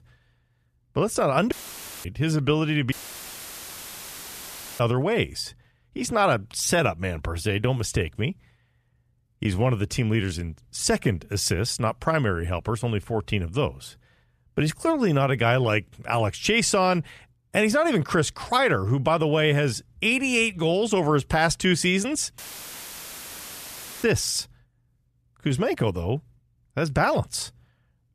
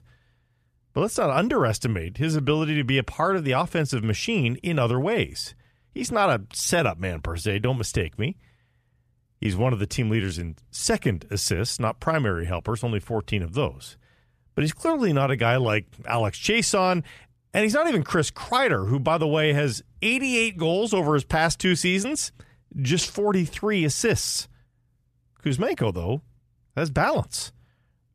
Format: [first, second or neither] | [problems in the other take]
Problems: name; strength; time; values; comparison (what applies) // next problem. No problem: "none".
second | audio cutting out; filled with static; at 1.5 s for 0.5 s, at 3 s for 2 s and at 22 s for 1.5 s